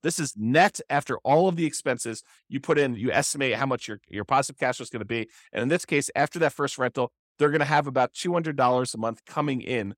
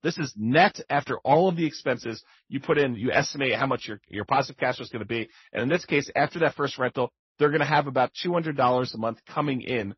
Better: first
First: none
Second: garbled, watery; slightly; nothing above 6 kHz

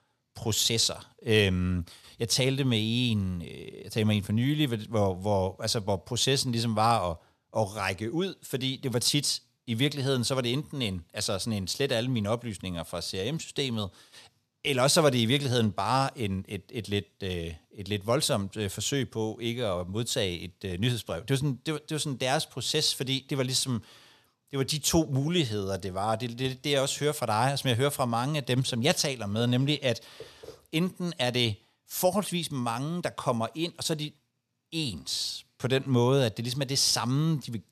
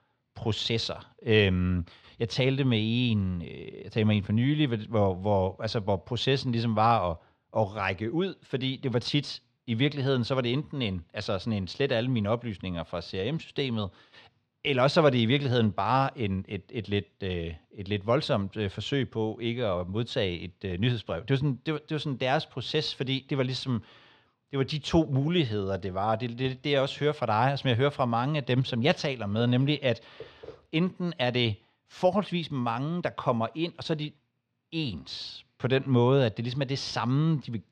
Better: first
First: none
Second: muffled; slightly; fading above 3.5 kHz

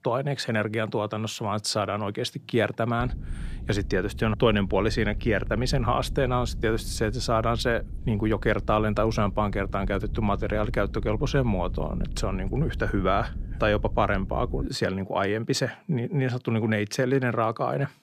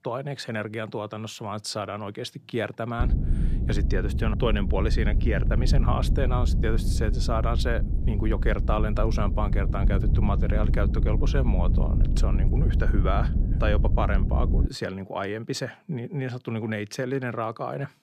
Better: first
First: low rumble; faint; from 3 to 15 s; 25 dB below the speech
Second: low rumble; loud; from 3 to 15 s; 9 dB below the speech

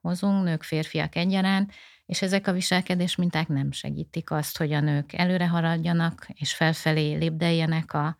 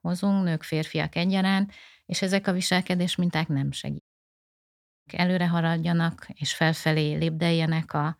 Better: first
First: none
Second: audio cutting out; at 4 s for 1 s

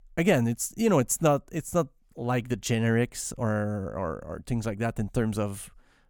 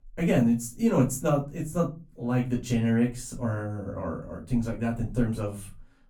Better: first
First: none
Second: off-mic speech; far // room echo; very slight; dies away in 0.3 s

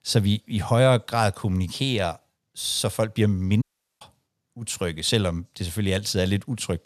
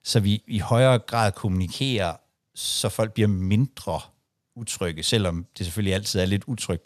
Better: second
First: audio cutting out; at 3.5 s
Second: none

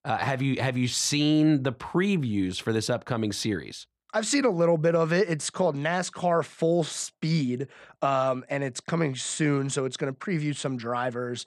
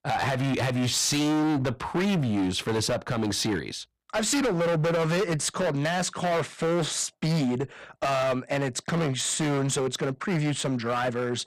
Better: first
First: none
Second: distortion; heavy; 25% of the sound clipped

